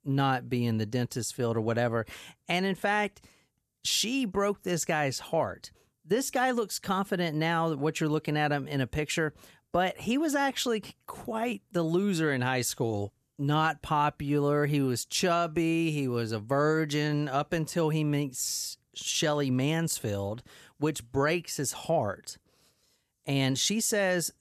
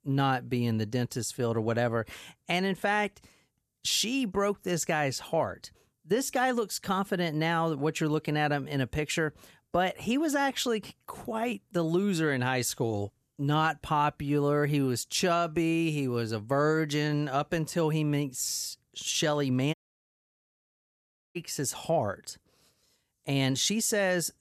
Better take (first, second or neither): first